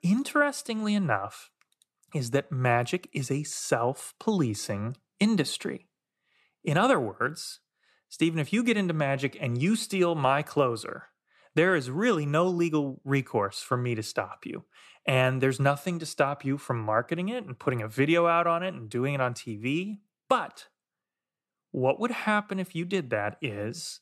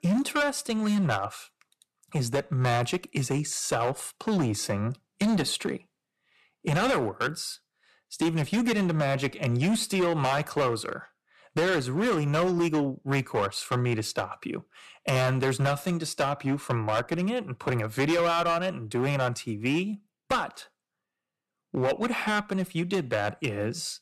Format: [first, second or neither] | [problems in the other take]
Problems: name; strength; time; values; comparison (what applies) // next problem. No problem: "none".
first | distortion; heavy; 11% of the sound clipped